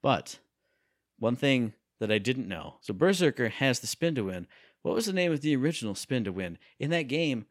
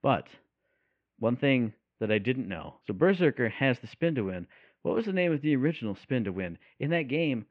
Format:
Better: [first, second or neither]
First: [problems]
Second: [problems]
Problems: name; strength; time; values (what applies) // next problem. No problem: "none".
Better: first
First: none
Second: muffled; very; fading above 2.5 kHz